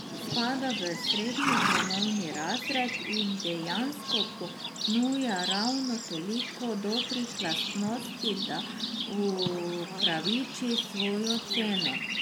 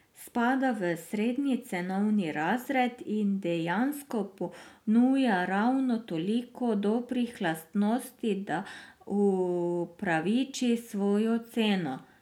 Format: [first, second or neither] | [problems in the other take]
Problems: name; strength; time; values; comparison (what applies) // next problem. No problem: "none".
second | background sound (Livestock, farm animals, working animals); as loud as the speech